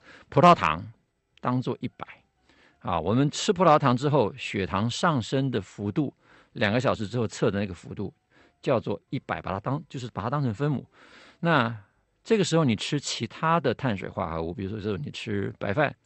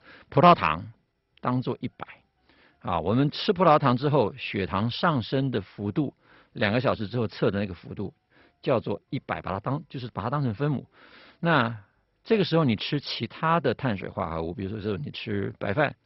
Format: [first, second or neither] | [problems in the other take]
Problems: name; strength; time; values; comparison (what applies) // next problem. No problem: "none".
first | garbled, watery; badly; nothing above 5.5 kHz; slightly in the first